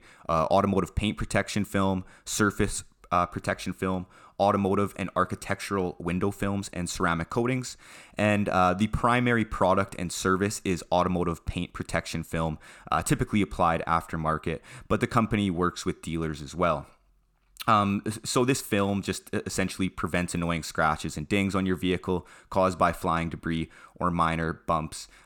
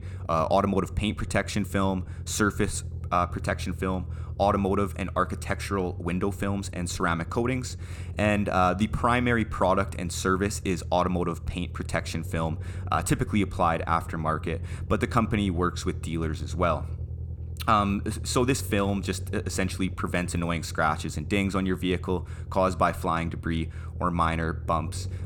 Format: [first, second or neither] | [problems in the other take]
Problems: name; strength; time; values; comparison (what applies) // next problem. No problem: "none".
first | low rumble; faint; throughout; 25 dB below the speech